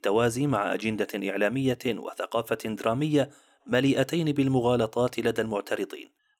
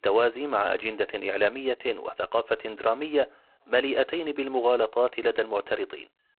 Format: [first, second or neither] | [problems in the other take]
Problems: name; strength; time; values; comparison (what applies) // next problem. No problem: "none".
first | phone-call audio; poor line; nothing above 4 kHz